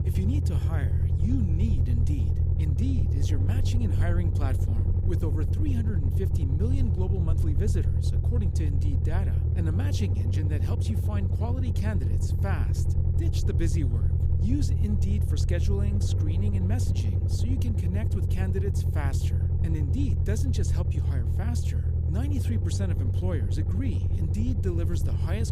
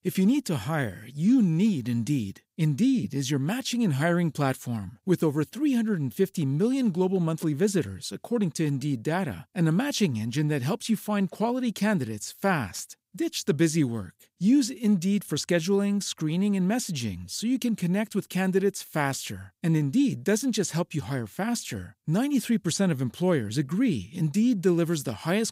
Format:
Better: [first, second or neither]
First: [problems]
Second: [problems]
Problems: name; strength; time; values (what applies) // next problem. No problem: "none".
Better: second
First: low rumble; loud; throughout; 1 dB below the speech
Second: none